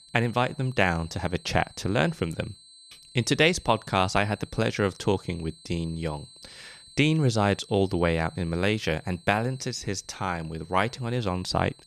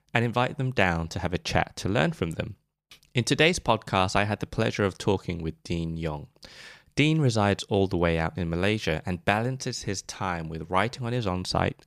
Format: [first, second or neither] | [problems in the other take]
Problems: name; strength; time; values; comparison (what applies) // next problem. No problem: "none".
second | high-pitched whine; faint; throughout; 4 kHz, 25 dB below the speech